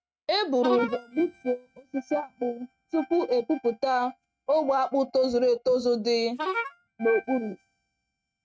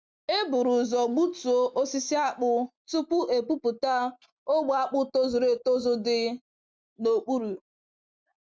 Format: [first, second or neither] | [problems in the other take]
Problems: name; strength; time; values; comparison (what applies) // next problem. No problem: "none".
second | noise reduction (neural mask model RNNoise)